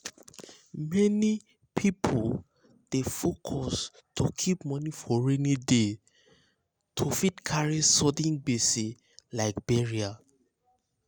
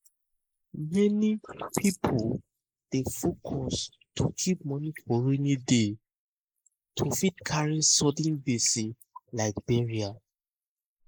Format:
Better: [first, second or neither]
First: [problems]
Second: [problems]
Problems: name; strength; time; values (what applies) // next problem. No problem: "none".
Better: first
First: none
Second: noise reduction (neural mask model Resemble Enhance denoiser)